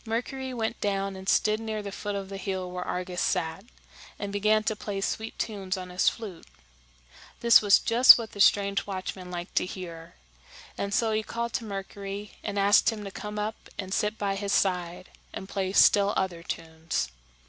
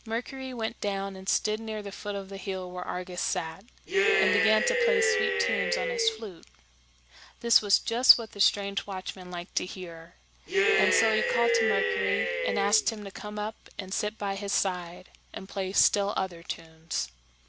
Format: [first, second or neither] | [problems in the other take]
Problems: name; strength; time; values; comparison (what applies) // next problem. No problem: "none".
first | background sound (Cheering); 4 dB above the speech